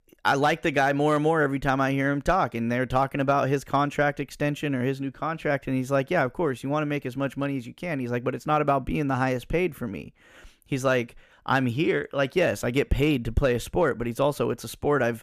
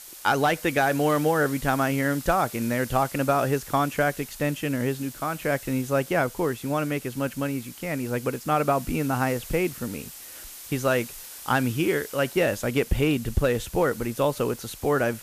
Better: first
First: none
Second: hiss; noticeable; throughout; 15 dB below the speech

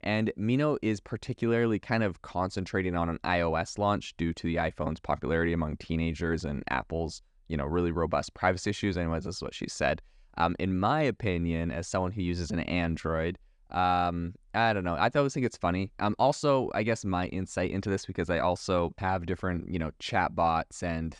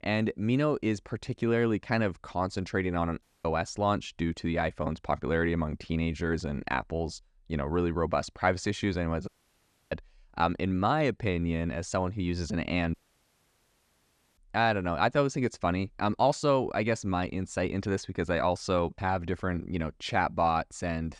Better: first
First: none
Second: audio cutting out; at 3 s, at 9.5 s for 0.5 s and at 13 s for 1.5 s

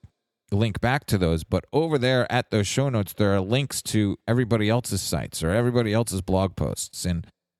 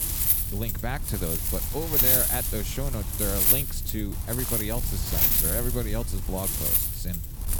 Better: first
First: none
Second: wind noise on the microphone; heavy; 4 dB above the speech

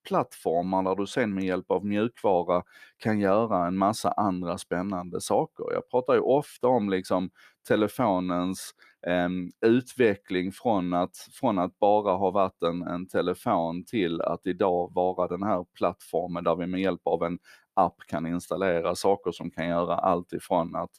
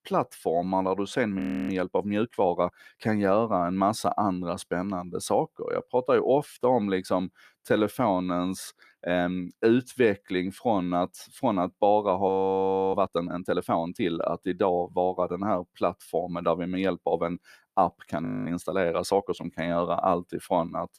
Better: first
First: none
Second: audio freezing; at 1.5 s, at 12 s for 0.5 s and at 18 s

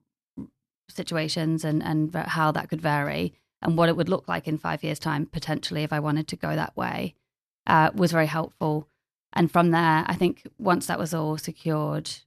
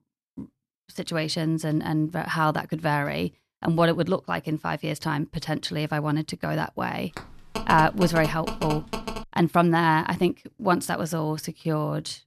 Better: first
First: none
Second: phone ringing; noticeable; from 7 to 9.5 s; peak 6 dB below the speech

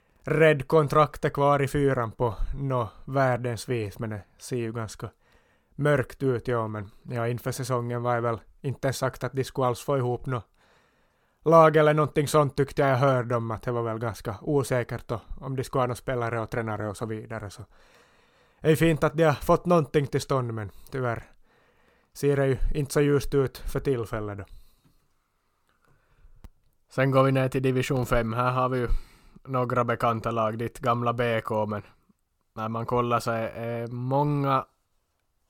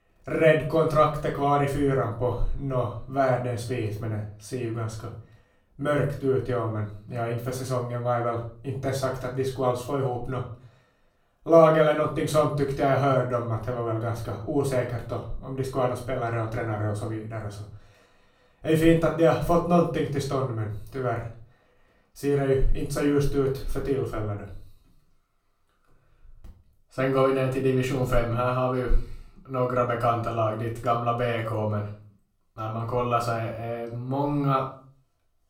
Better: first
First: none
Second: off-mic speech; far // room echo; slight; dies away in 0.4 s

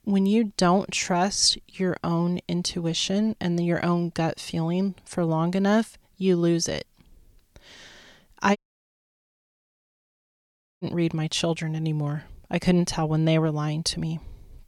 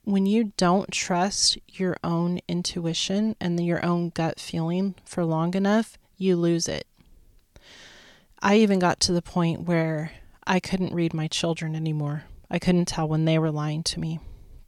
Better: second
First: audio cutting out; at 8.5 s for 2.5 s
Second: none

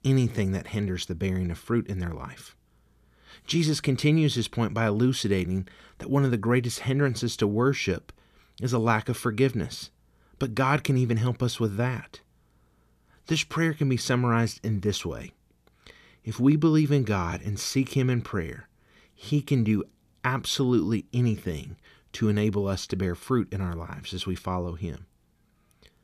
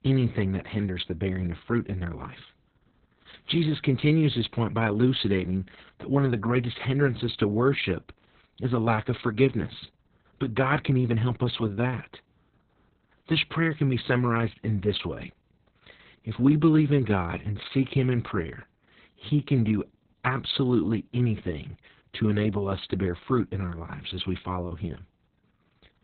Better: first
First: none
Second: garbled, watery; badly; nothing above 4 kHz

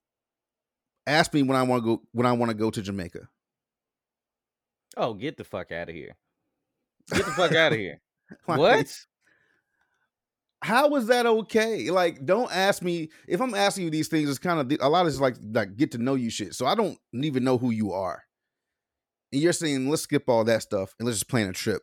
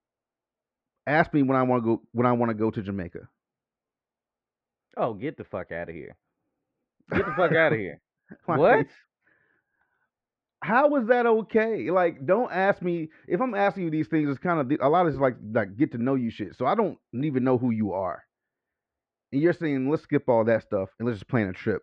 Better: first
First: none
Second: muffled; very; fading above 2 kHz

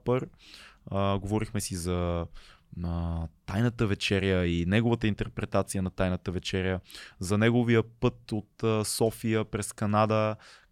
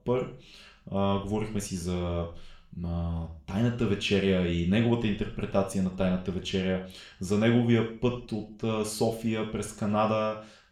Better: first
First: none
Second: room echo; slight; dies away in 0.5 s // off-mic speech; somewhat distant

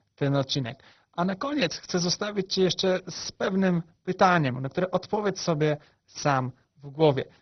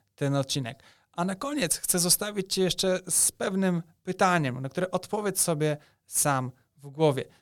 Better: second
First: garbled, watery; badly; nothing above 6 kHz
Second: none

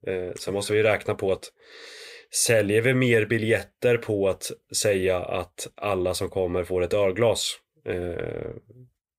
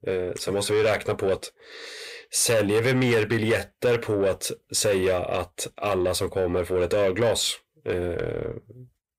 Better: first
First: none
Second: distortion; slight; 10 dB below the speech

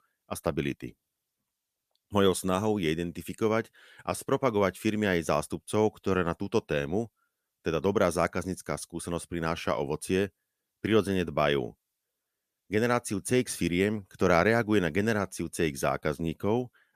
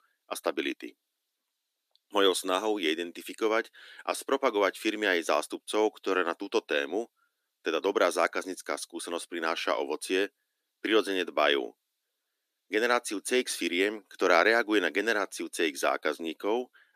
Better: first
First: none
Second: thin; somewhat; fading below 300 Hz

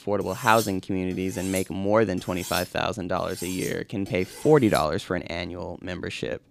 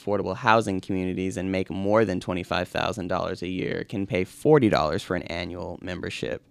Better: second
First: clattering dishes; noticeable; until 5 s; peak 8 dB below the speech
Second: none

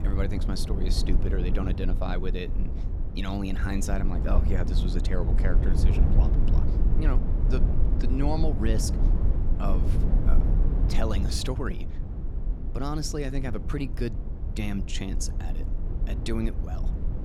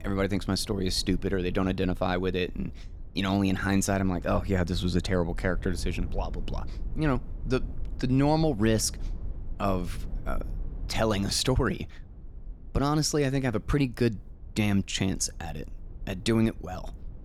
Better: second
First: low rumble; loud; throughout; 6 dB below the speech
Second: low rumble; faint; throughout; 25 dB below the speech

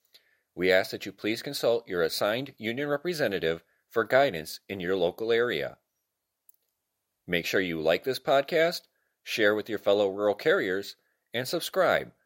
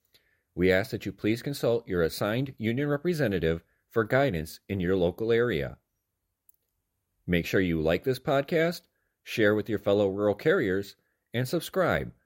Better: second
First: thin; somewhat; fading below 1 kHz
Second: none

